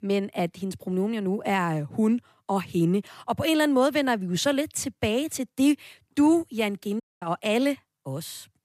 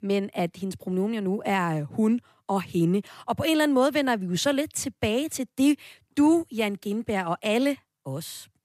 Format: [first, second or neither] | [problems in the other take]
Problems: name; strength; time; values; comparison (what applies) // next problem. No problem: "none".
second | audio cutting out; at 7 s